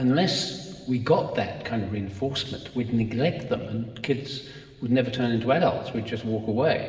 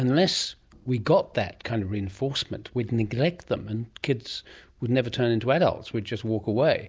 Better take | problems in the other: second | room echo; dies away in 1.7 s

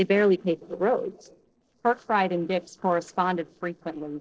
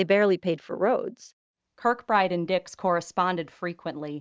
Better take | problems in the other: second | noise reduction (neural separator model SepFormer DNS4)

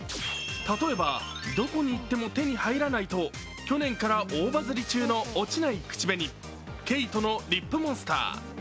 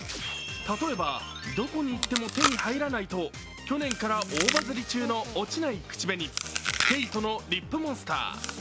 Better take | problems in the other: first | background sound (Chewing, mastication); 4 dB below the speech

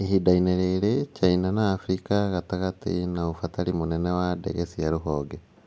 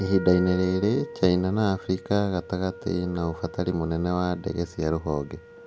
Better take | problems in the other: first | background sound (Wind instrument, woodwind instrument); 15 dB below the speech

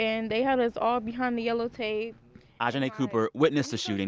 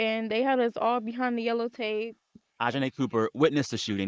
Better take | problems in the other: first | noise reduction (neural mask model Resemble Enhance denoiser)

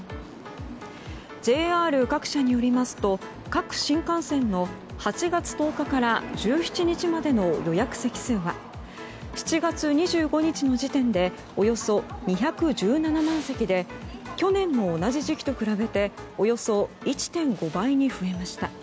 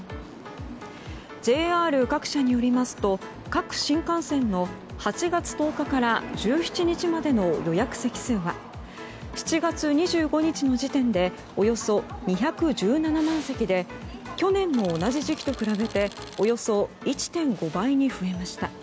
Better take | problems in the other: first | background sound (Tools); 19 dB below the speech

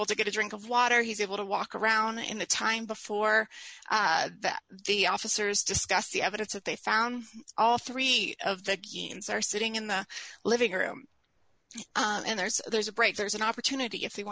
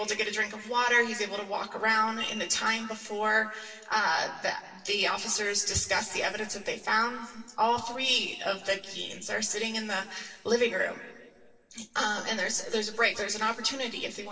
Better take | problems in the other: first | noise reduction (neural separator model SepFormer DNS4)

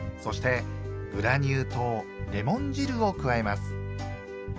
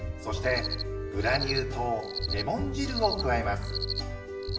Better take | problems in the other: first | background sound (Cricket); 9 dB below the speech // room echo; dies away in 0.8 s

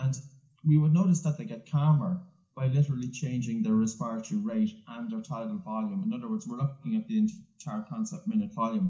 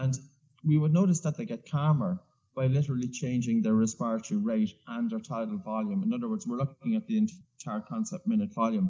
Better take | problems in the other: second | room echo; dies away in 0.4 s

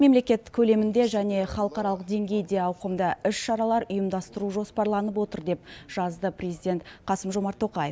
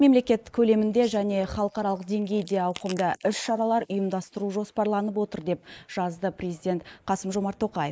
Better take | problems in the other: first | noise reduction (neural mask model Resemble Enhance denoiser)

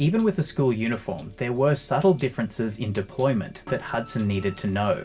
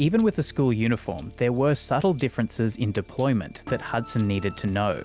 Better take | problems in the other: second | room echo; dies away in 0.2 s

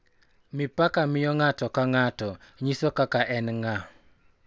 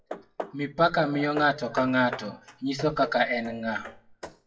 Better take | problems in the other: first | noise reduction (classical method WPE with log-MMSE)

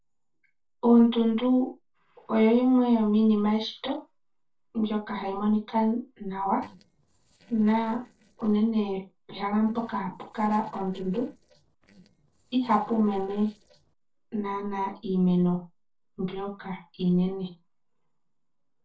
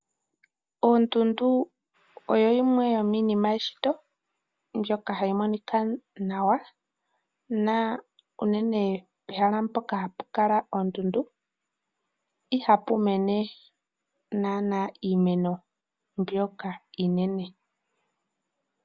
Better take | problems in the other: second | noise reduction (neural separator model SepFormer DNS4)

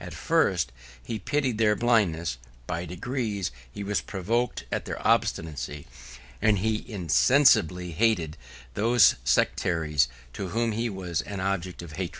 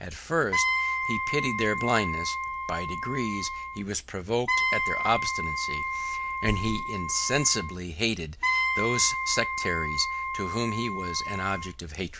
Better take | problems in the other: first | background sound (Wind instrument, woodwind instrument); 1 dB below the speech

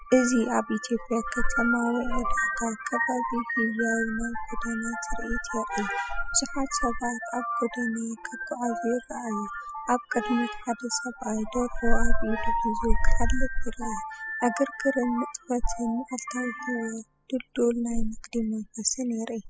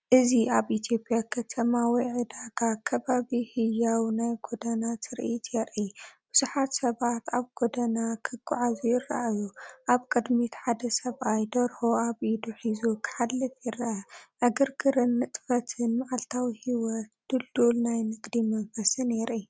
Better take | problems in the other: second | noise reduction (classical method spectral subtraction)

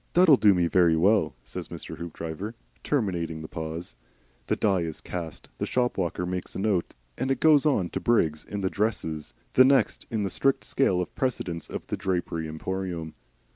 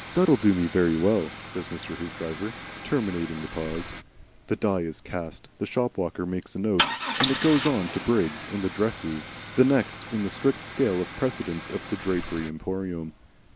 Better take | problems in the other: first | background sound (Idling / Engine starting / Car); 9 dB below the speech

